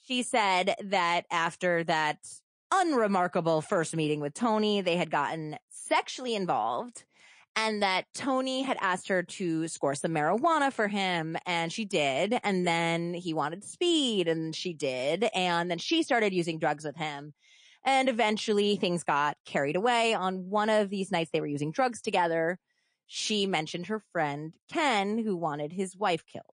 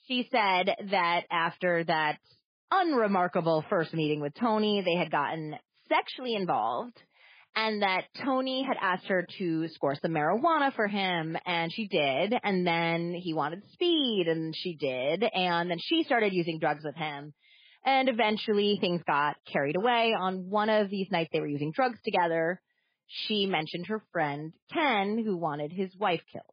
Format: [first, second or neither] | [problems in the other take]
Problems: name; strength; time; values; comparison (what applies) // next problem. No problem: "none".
first | garbled, watery; badly; slightly in the first